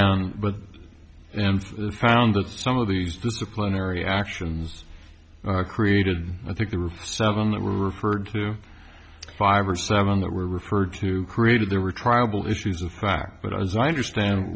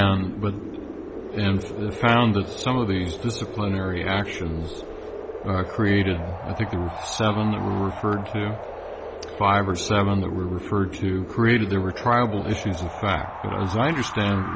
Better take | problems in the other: first | background sound (Wind); 10 dB below the speech

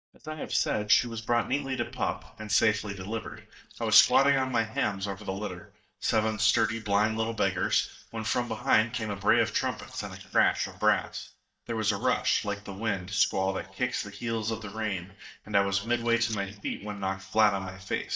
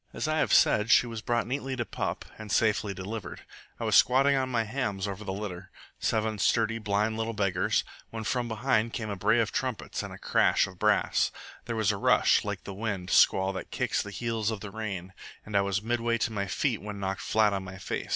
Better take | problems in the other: second | noise reduction (neural mask model DeepFilterNet 3)

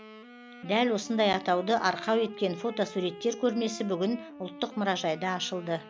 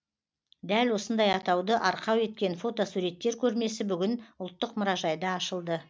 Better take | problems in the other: second | background sound (Wind instrument, woodwind instrument); 16 dB below the speech

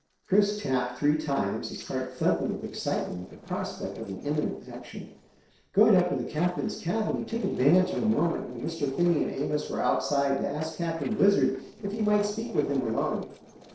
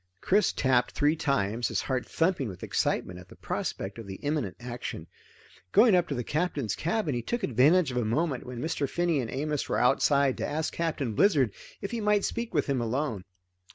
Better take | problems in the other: second | noise reduction (neural separator model SepFormer DNS4)

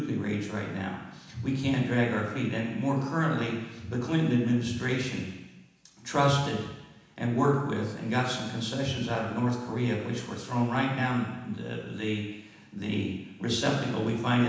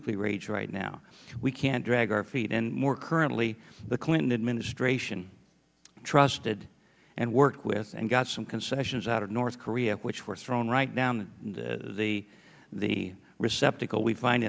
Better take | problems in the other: second | room echo; dies away in 1.1 s

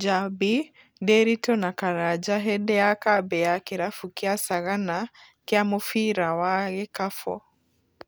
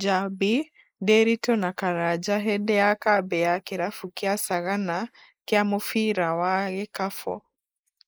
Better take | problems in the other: first | noise reduction (neural mask model Resemble Enhance denoiser)

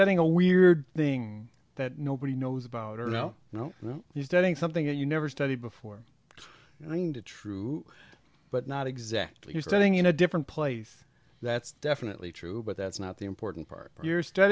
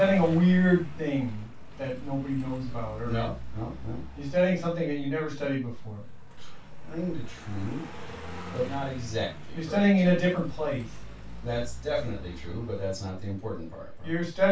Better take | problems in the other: first | background sound (Car passing by); 16 dB below the speech // room echo; dies away in 0.2 s

